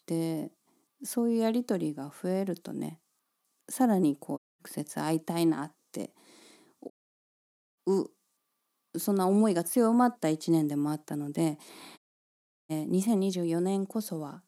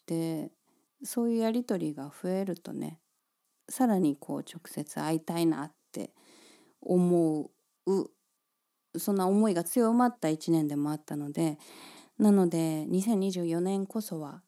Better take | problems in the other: second | audio cutting out; at 4.5 s, at 7 s for 1 s and at 12 s for 0.5 s

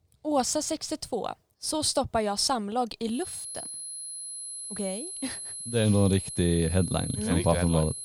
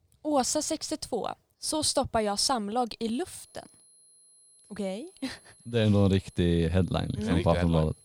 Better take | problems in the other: second | high-pitched whine; loud; from 3 s on; 10.5 kHz, 7 dB below the speech; faint in the second

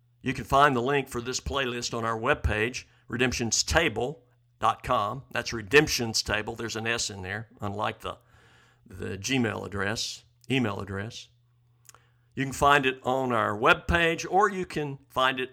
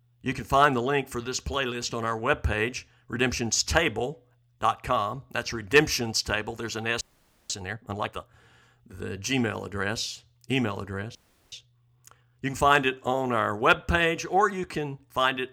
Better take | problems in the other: first | audio freezing; at 7 s and at 11 s

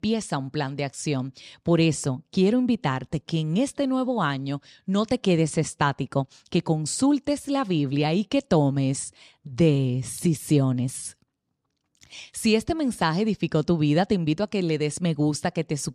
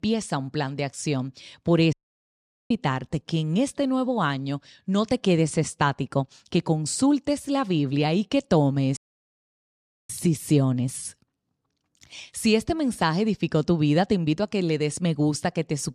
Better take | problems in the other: first | audio cutting out; at 2 s for 1 s and at 9 s for 1 s

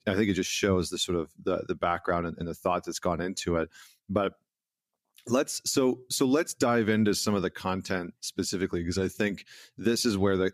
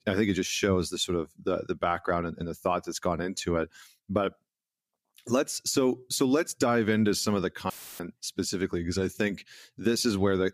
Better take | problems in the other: first | audio cutting out; filled with static; at 7.5 s

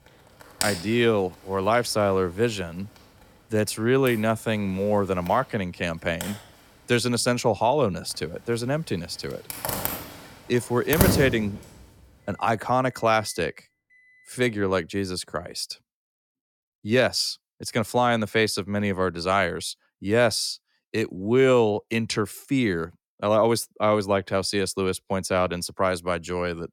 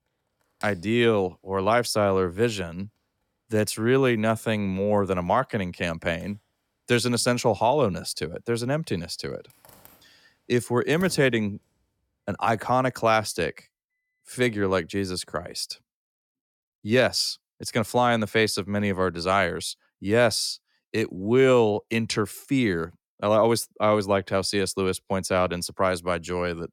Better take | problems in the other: second | household noises; loud; until 14 s; 5 dB below the speech; faint in the second

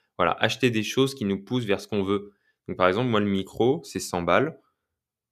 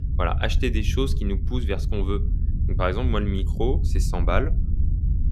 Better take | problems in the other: first | low rumble; noticeable; throughout; 15 dB below the speech

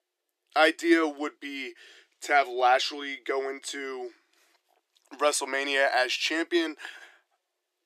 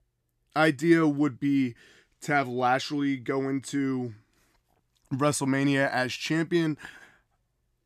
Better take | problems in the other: second | thin; very; fading below 350 Hz

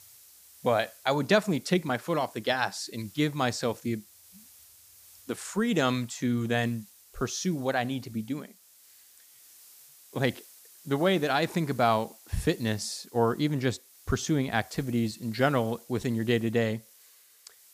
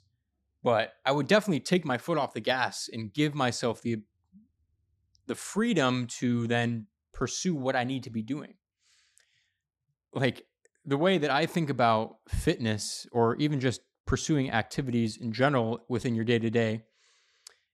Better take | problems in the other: second | hiss; faint; throughout; 25 dB below the speech

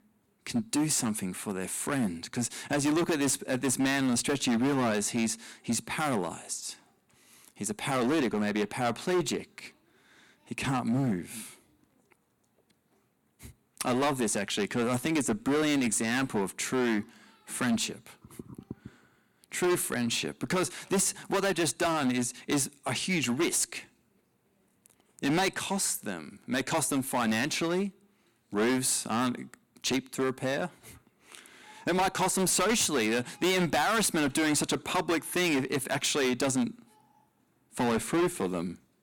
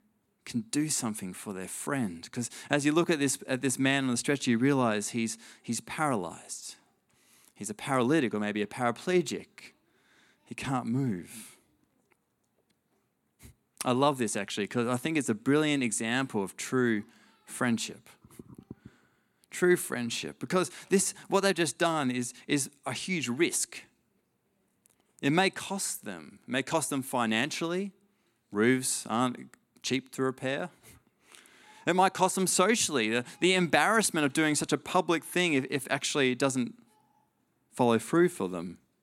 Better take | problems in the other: second | distortion; heavy; 11% of the sound clipped

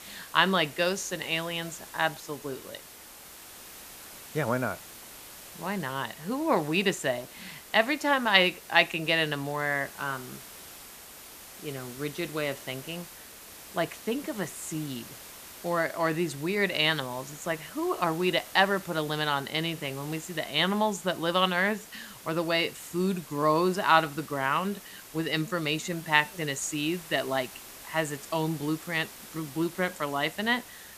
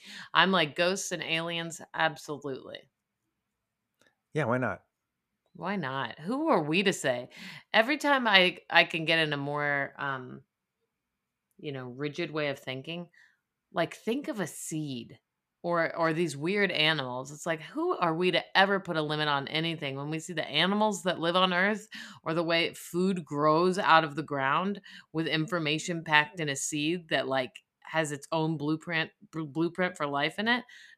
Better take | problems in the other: second | hiss; noticeable; throughout; 15 dB below the speech

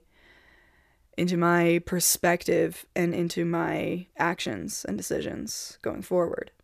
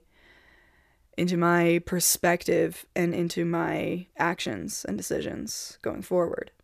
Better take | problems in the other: neither | none

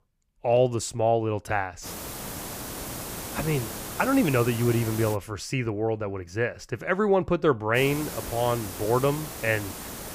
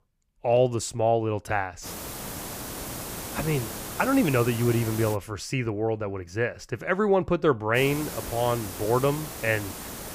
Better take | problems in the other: neither | hiss; loud; from 2 to 5 s and from 8 s on; 9 dB below the speech; the same in both

